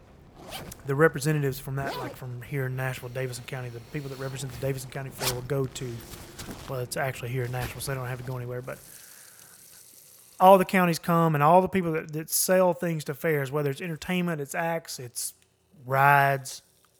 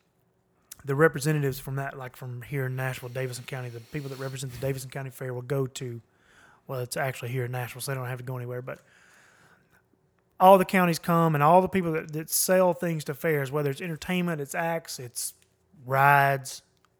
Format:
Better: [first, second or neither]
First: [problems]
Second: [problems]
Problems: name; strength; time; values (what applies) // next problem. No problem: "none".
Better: second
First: household noises; noticeable; throughout; 15 dB below the speech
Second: none